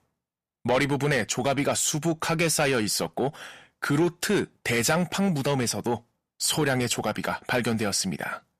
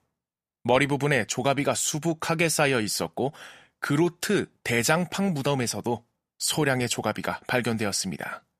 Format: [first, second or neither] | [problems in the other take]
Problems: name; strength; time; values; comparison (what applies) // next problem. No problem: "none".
second | distortion; slight; 10 dB below the speech